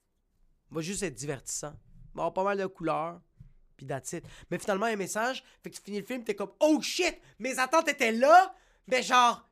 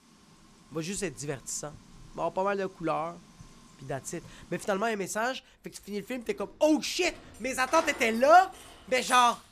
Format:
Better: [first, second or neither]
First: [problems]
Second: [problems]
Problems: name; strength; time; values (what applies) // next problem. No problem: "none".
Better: first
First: none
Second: household noises; noticeable; throughout; 20 dB below the speech